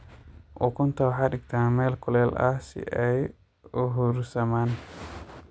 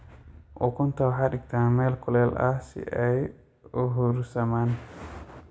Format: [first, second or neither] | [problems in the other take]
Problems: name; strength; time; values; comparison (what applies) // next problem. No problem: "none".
first | room echo; dies away in 0.5 s